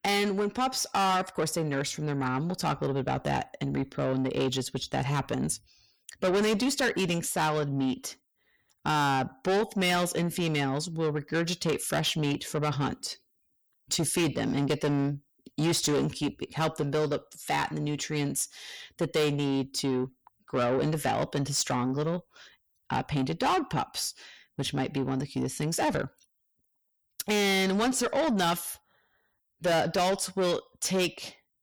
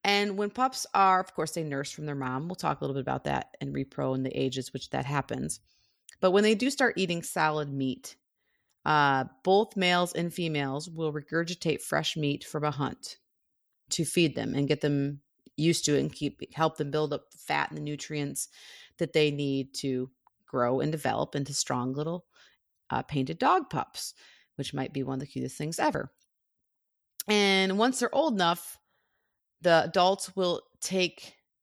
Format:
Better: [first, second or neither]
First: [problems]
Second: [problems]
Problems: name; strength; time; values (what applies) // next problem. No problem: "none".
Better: second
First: distortion; heavy; 7 dB below the speech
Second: none